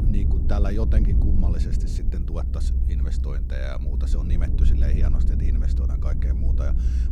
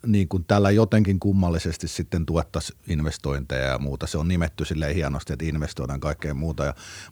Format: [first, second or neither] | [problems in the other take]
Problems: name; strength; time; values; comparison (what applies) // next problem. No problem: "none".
second | low rumble; loud; throughout; 2 dB below the speech